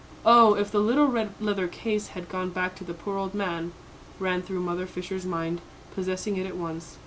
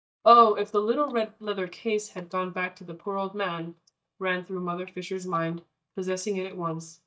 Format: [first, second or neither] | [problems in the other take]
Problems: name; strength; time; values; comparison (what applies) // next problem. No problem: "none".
first | noise reduction (neural mask model DeepFilterNet 3)